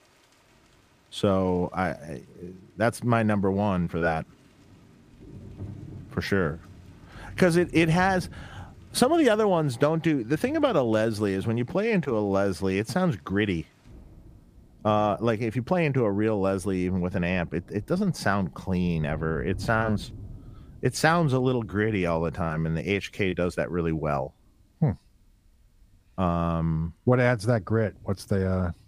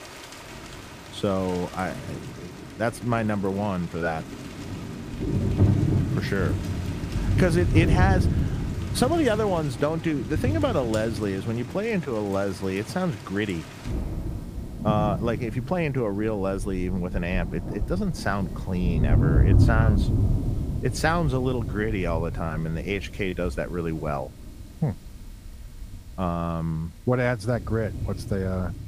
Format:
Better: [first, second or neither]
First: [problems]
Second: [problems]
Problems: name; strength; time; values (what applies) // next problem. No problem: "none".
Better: first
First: rain or running water; faint; throughout; 20 dB below the speech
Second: rain or running water; loud; throughout; as loud as the speech